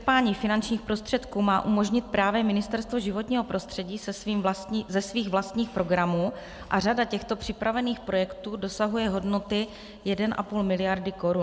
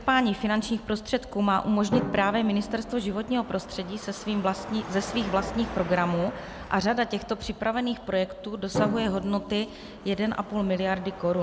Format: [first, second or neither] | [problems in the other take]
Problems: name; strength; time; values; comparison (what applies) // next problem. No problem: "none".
first | background sound (Car passing by / Traffic noise, roadway noise / Engine + Drum); 11 dB below the speech